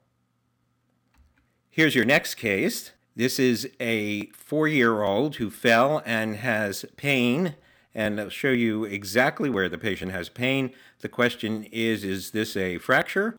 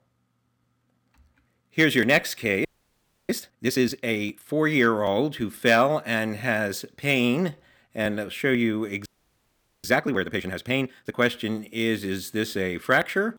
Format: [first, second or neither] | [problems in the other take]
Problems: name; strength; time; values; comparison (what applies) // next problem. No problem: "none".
first | audio freezing; at 2.5 s for 0.5 s and at 9 s for 1 s